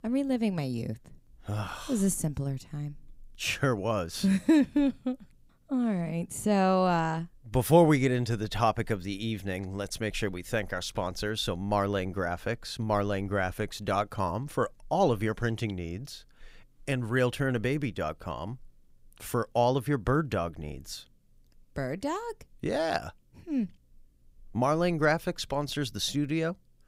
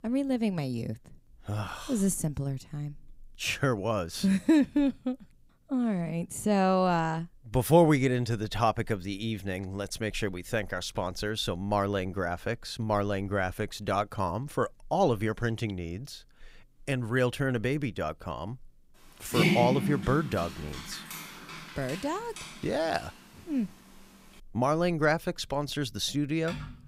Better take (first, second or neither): first